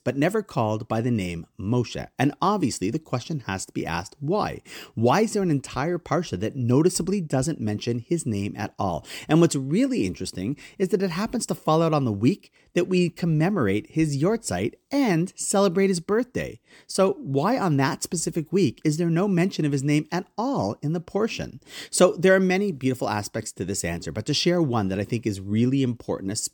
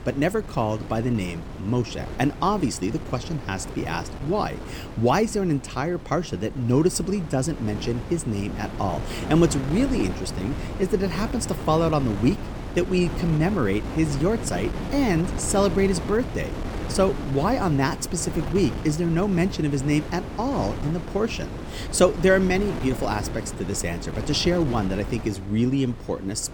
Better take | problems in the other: first | wind noise on the microphone; occasional gusts; 10 dB below the speech

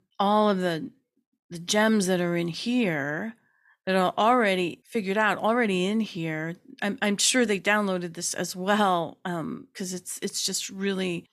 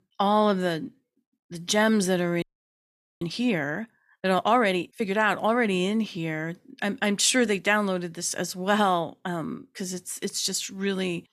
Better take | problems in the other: first | audio freezing; at 2.5 s for 1 s

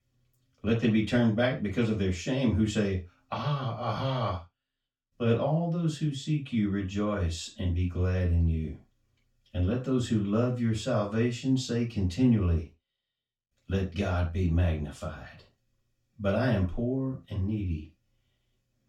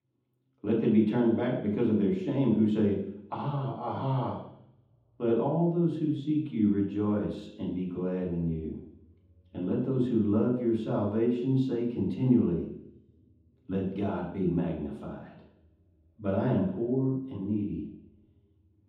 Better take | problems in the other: first | room echo; strong; dies away in 0.9 s; slight in the first // off-mic speech; far; far in the first

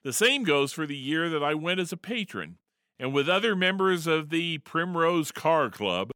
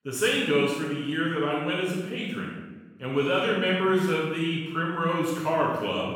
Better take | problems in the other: first | room echo; strong; dies away in 1.1 s // off-mic speech; far

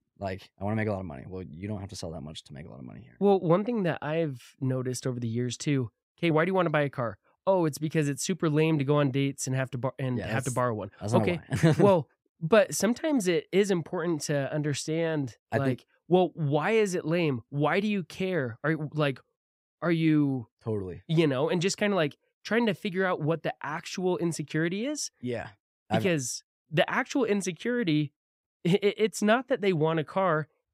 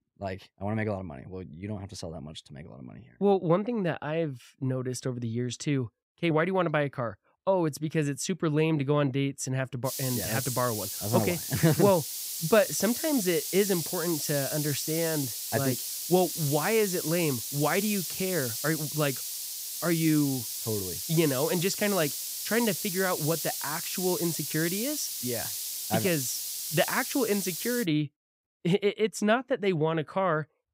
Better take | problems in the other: first | hiss; loud; from 10 to 28 s; 3 dB below the speech

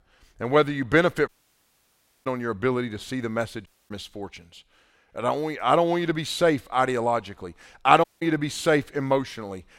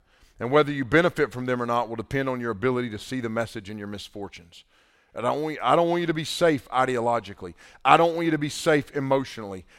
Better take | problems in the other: second | audio cutting out; at 1.5 s for 1 s, at 3.5 s and at 8 s

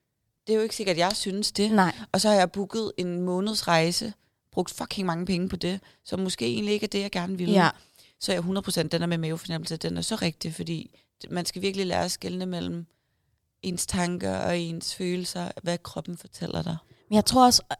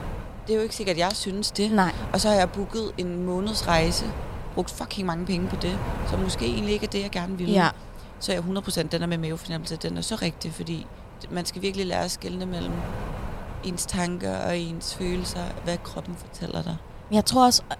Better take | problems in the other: first | wind noise on the microphone; occasional gusts; 15 dB below the speech

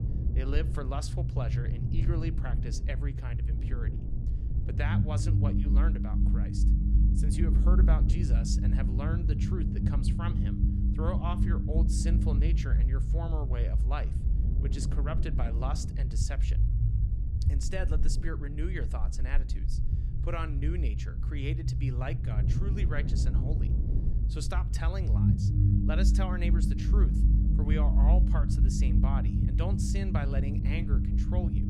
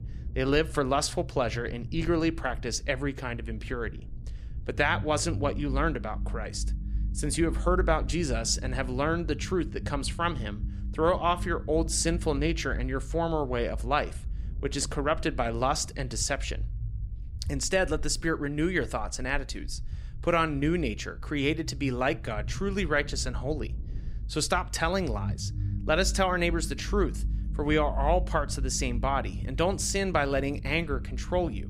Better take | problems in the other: second | low rumble; loud; throughout; 2 dB below the speech; faint in the second

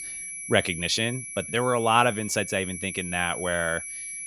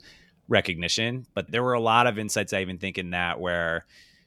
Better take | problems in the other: second | high-pitched whine; loud; throughout; 11 kHz, 9 dB below the speech

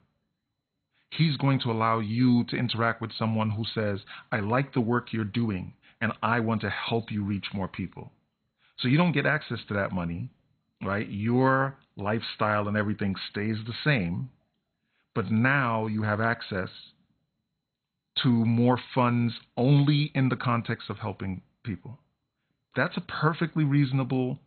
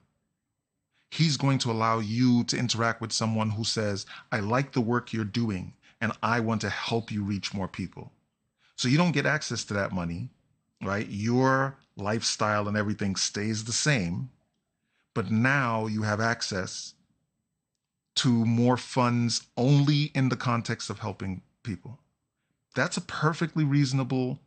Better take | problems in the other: second | garbled, watery; badly; nothing above 4 kHz; slightly in the second

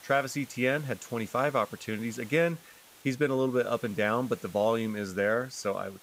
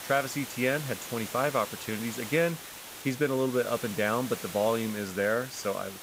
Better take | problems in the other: first | hiss; loud; throughout; 10 dB below the speech; faint in the first

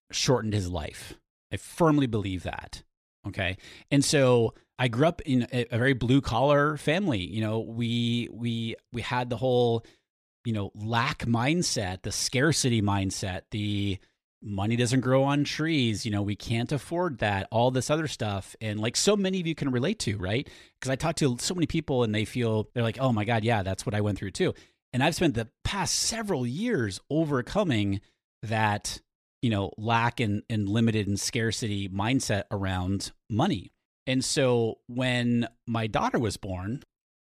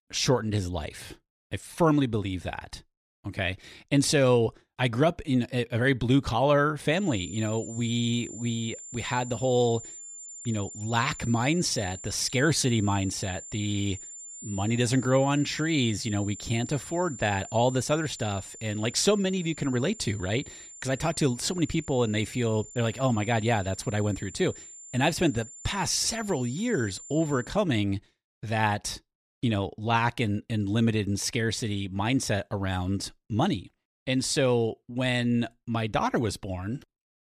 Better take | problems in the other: first | high-pitched whine; noticeable; from 7 to 27 s; 7 kHz, 15 dB below the speech

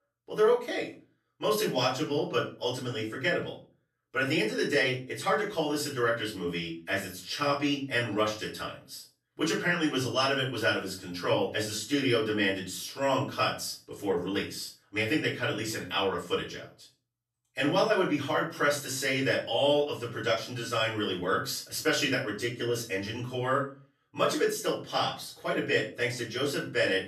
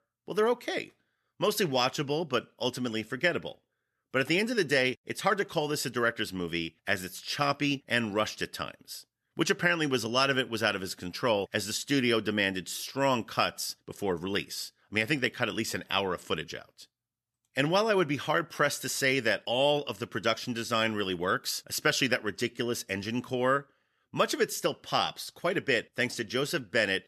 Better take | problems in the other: second | room echo; slight; dies away in 0.3 s // off-mic speech; far

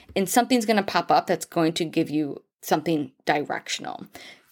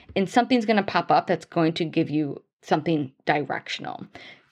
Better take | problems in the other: first | muffled; very slightly; fading above 3 kHz

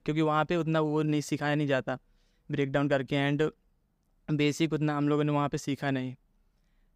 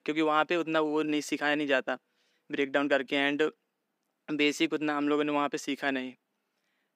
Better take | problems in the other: first | thin; very slightly; fading below 250 Hz

